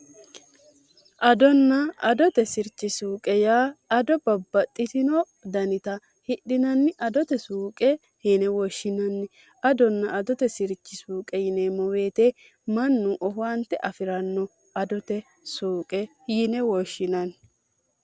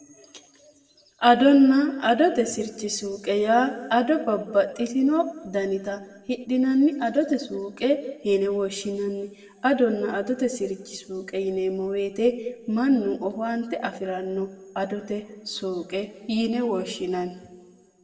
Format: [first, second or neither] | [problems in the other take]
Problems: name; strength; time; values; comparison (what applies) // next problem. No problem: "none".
first | room echo; dies away in 1.5 s